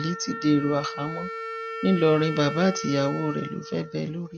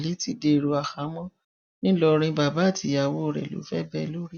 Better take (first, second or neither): second